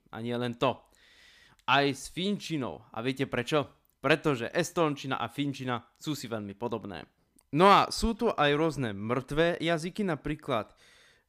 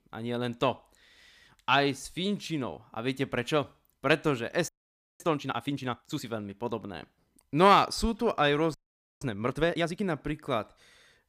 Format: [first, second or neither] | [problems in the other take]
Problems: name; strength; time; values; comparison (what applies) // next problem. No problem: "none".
first | audio freezing; at 4.5 s for 0.5 s and at 8.5 s